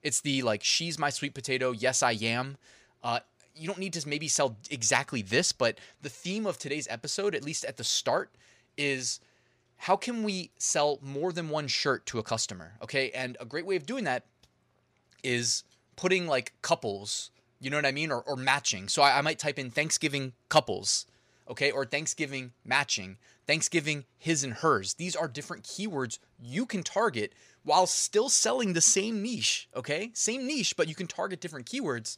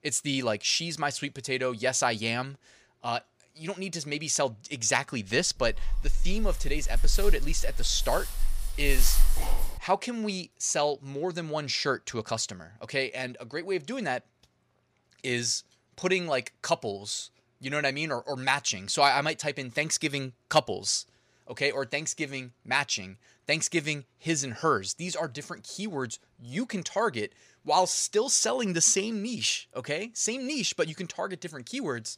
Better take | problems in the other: first | dog barking; loud; from 5.5 to 9.5 s; peak 2 dB above the speech

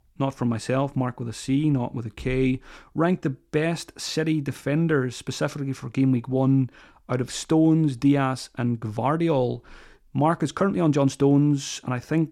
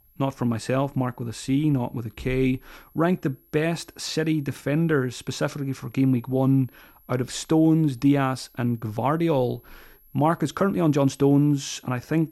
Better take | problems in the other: first | high-pitched whine; faint; throughout; 11.5 kHz, 30 dB below the speech

